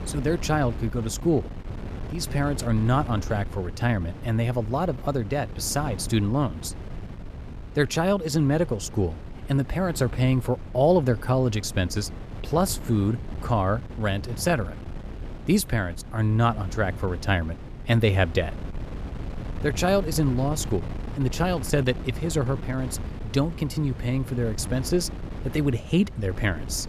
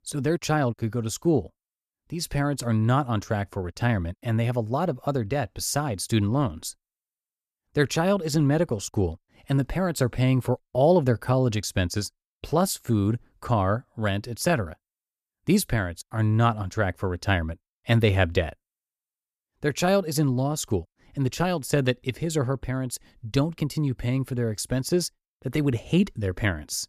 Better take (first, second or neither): second